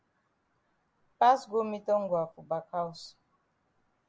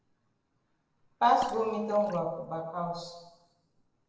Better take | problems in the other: first | noise reduction (neural separator model SepFormer DNS4)

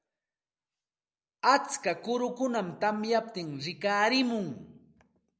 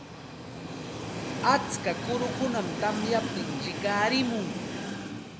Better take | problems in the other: first | background sound (Train); 4 dB below the speech

